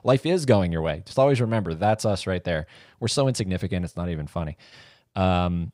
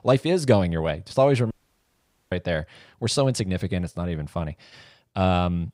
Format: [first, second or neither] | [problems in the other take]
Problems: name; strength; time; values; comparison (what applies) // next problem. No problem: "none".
first | audio cutting out; at 1.5 s for 1 s